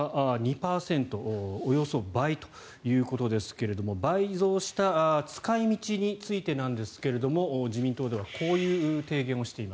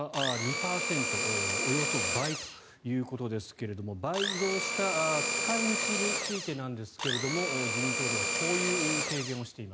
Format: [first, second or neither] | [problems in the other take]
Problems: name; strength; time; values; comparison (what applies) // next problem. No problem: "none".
first | background sound (Domestic sounds, home sounds); 2 dB above the speech